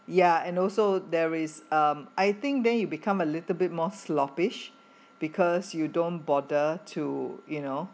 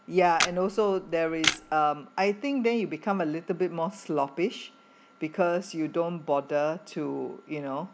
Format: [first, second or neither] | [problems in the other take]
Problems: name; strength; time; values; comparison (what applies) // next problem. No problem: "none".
first | background sound (Camera); 4 dB below the speech